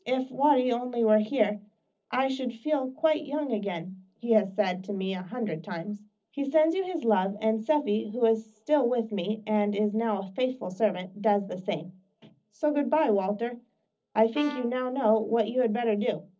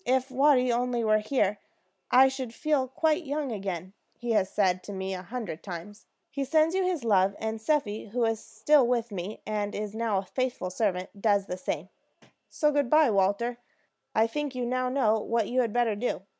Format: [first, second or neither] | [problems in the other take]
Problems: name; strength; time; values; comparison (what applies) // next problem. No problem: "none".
second | noise reduction (neural separator model SepFormer DNS4)